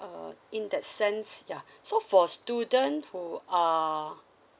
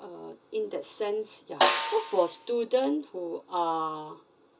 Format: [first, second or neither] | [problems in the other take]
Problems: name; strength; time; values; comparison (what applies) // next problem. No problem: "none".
first | background sound (Snare drum); 1 dB below the speech // room echo; dies away in 0.2 s